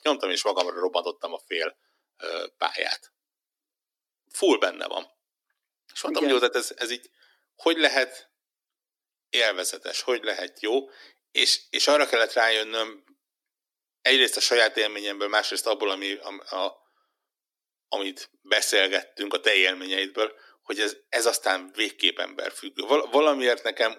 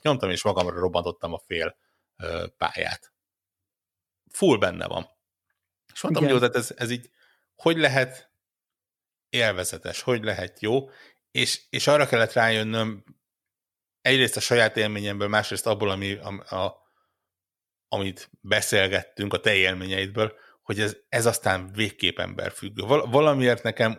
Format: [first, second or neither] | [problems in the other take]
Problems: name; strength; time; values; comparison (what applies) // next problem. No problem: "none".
second | thin; very slightly; fading below 300 Hz